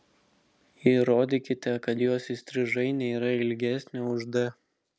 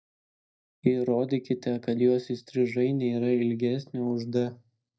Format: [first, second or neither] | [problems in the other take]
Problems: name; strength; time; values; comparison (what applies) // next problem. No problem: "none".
first | noise reduction (neural mask model DeepFilterNet 3)